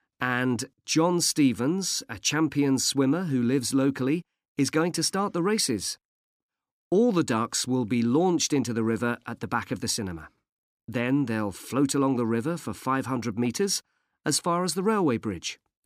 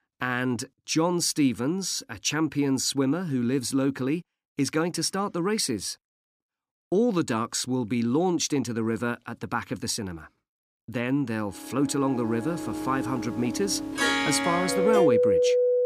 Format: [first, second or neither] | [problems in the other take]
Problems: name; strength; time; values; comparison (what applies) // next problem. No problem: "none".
first | background music; very loud; from 12 s on; 2 dB above the speech